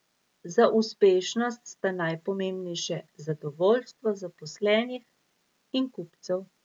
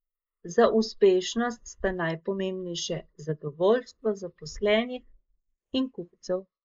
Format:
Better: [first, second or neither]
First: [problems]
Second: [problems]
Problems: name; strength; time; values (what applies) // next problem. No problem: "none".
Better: first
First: none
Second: noise reduction (neural mask model Resemble Enhance denoiser)